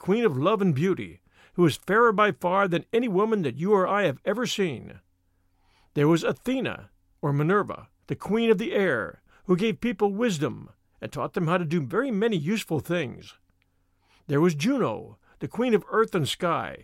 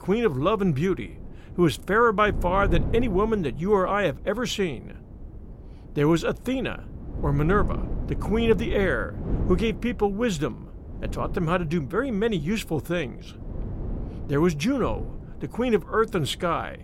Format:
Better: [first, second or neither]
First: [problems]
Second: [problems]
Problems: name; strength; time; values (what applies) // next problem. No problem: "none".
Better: first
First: none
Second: wind noise on the microphone; occasional gusts; 20 dB below the speech